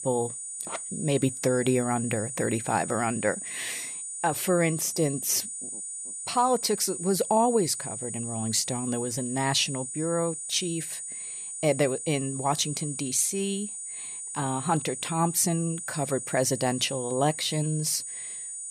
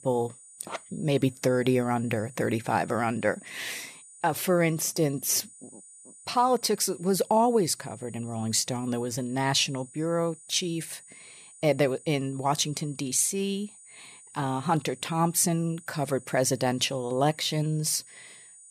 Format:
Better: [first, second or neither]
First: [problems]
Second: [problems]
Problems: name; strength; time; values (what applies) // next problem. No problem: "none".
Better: second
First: high-pitched whine; loud; throughout; 9 kHz, 6 dB below the speech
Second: high-pitched whine; faint; throughout; 9 kHz, 20 dB below the speech